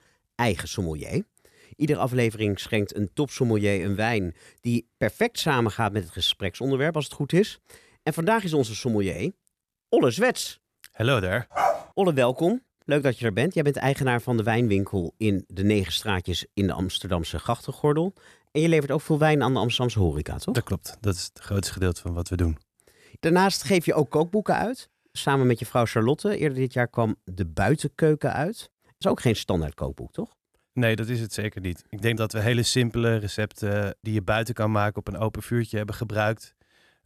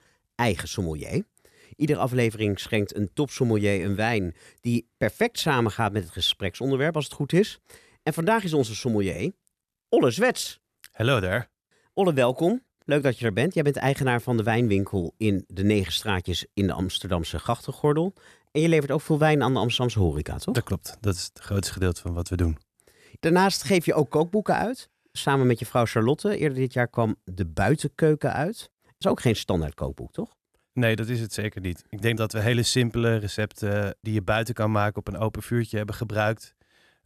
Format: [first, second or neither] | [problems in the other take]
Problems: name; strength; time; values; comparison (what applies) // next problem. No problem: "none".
second | dog barking; loud; at 12 s; peak 1 dB above the speech